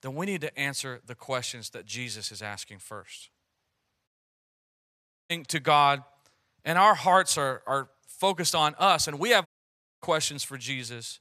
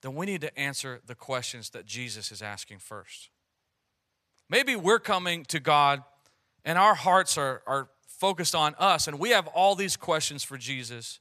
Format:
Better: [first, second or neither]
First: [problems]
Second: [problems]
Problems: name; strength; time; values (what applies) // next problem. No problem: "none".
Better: second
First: audio cutting out; at 4 s for 1 s and at 9.5 s for 0.5 s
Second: none